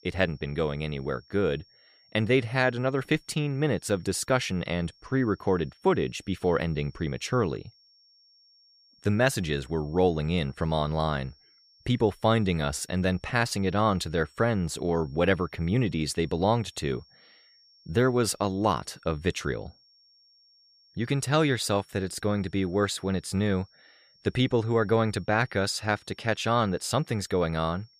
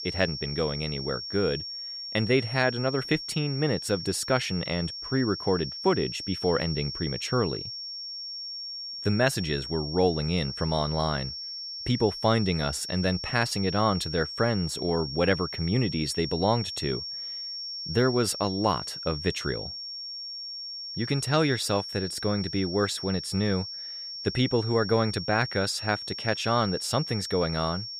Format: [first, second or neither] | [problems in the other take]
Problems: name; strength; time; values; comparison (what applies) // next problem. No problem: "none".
first | high-pitched whine; loud; throughout; 5.5 kHz, 7 dB below the speech; faint in the first